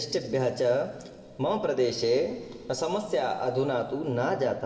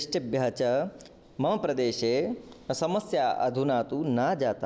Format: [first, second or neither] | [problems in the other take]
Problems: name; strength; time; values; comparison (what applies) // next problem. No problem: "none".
second | room echo; dies away in 2.8 s